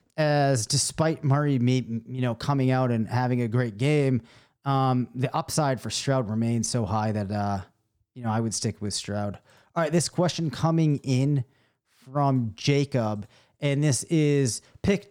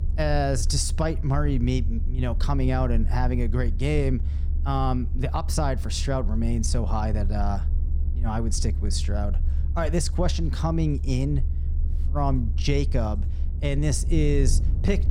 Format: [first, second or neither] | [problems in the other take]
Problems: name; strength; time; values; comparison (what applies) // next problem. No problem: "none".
first | low rumble; noticeable; throughout; 15 dB below the speech